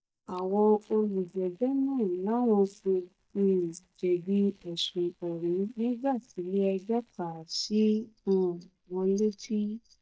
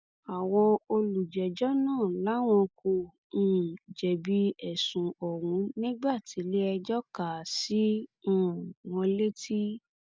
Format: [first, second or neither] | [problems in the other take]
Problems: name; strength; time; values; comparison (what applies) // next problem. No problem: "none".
second | noise reduction (neural mask model DeepFilterNet 3)